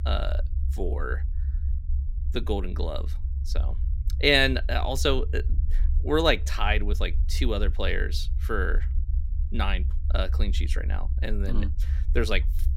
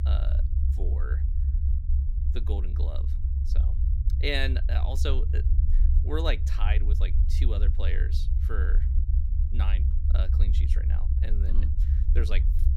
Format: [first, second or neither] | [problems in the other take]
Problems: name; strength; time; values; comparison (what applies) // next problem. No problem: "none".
first | low rumble; loud; throughout; 9 dB below the speech; faint in the first